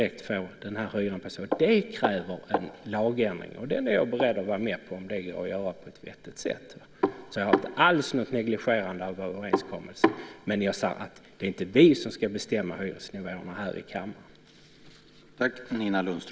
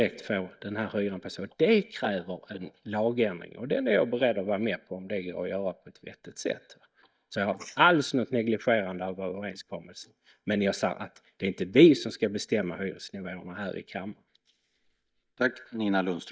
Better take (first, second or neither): first